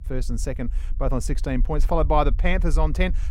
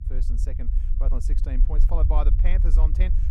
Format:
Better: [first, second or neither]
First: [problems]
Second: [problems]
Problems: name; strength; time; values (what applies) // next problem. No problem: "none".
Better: first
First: low rumble; faint; throughout; 25 dB below the speech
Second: low rumble; loud; throughout; 8 dB below the speech